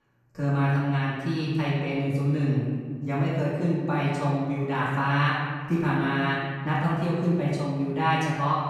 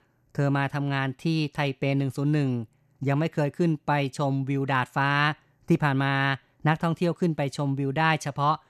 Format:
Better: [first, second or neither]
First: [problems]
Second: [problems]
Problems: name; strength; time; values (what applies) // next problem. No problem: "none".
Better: second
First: room echo; strong; dies away in 1.6 s // off-mic speech; far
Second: none